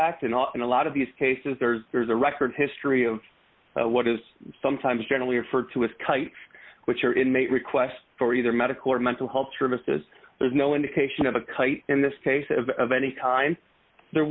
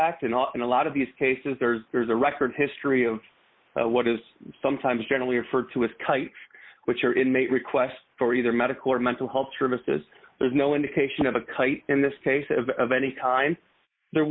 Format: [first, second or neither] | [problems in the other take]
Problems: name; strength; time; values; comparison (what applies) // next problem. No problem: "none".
first | noise reduction (neural mask model Resemble Enhance denoiser)